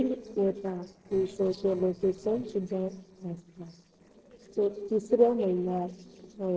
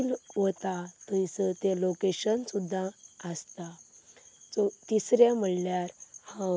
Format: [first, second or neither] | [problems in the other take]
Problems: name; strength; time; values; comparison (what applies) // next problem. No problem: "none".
second | noise reduction (neural separator model SepFormer DNS4)